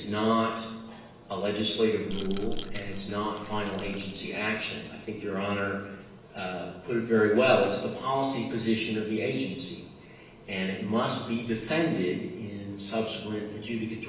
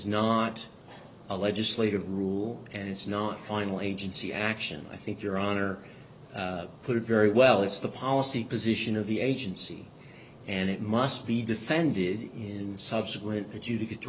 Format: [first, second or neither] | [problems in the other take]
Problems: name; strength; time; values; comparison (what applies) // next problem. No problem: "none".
second | background sound (Rattle / Rattle (instrument)); 6 dB below the speech // room echo; dies away in 0.9 s